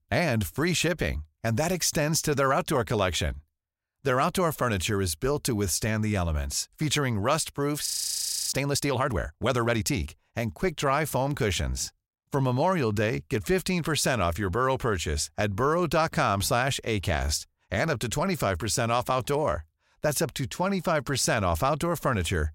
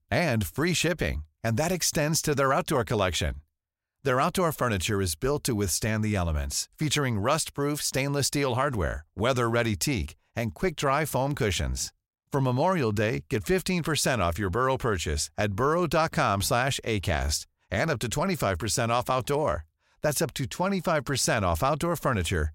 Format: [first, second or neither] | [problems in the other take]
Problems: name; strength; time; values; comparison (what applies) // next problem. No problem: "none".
second | audio freezing; at 8 s for 0.5 s